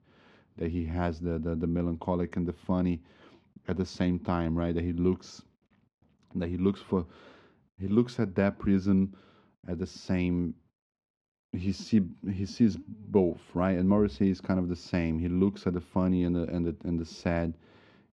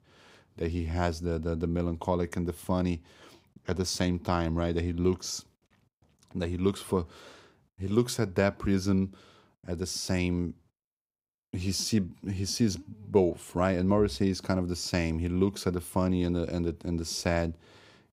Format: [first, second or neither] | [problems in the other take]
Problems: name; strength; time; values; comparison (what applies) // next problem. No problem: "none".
second | muffled; slightly; fading above 3 kHz